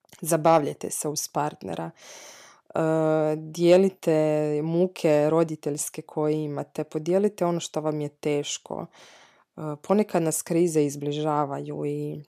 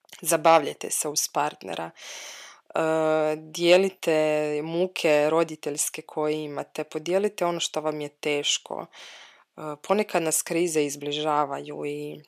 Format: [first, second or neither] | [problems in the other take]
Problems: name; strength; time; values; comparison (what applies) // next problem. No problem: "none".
first | thin; very slightly; fading below 1 kHz